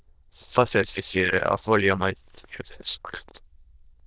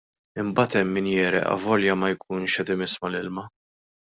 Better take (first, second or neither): second